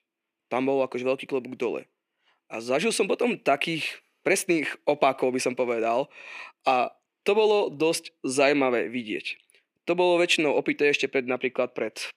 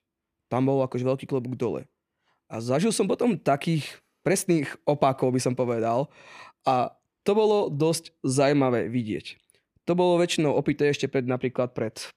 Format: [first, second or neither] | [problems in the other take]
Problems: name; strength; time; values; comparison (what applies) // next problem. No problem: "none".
second | thin; very slightly; fading below 350 Hz